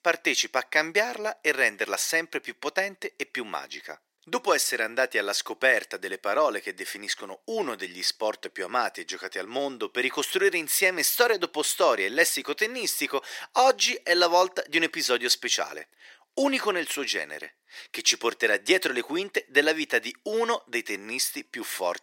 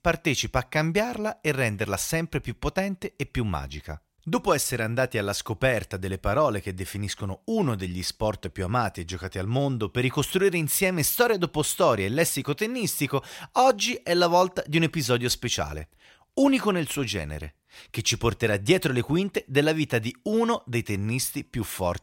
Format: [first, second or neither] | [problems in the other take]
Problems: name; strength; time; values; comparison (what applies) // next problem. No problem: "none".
second | thin; somewhat; fading below 300 Hz